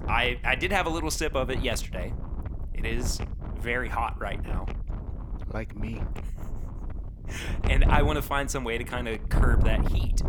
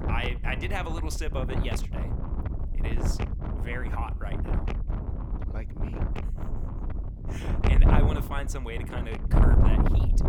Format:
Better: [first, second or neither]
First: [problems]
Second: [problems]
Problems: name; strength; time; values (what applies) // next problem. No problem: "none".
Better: first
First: wind noise on the microphone; occasional gusts; 15 dB below the speech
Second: wind noise on the microphone; heavy; 2 dB below the speech